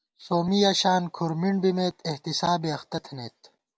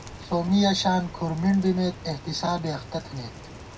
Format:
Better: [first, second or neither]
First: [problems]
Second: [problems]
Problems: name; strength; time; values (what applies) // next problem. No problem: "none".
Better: first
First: none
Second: background sound (Rain); 15 dB below the speech // room echo; dies away in 0.4 s